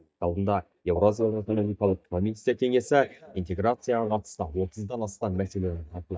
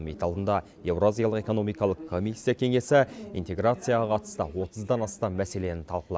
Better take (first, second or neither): second